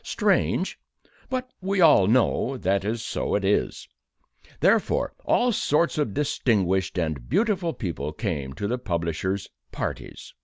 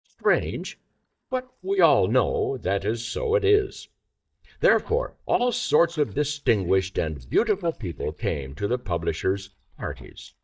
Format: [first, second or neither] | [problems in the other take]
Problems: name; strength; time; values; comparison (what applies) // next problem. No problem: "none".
first | noise reduction (neural mask model DeepFilterNet 3)